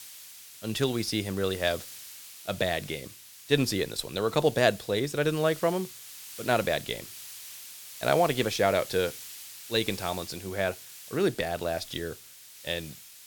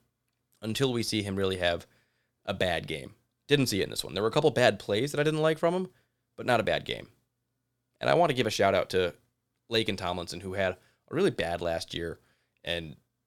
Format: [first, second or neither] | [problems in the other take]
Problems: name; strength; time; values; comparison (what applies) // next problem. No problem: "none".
second | hiss; noticeable; throughout; 15 dB below the speech